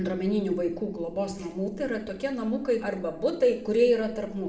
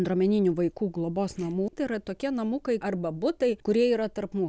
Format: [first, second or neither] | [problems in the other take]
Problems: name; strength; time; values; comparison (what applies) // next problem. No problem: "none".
second | room echo; dies away in 0.7 s